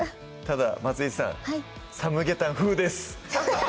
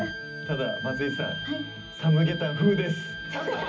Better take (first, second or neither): first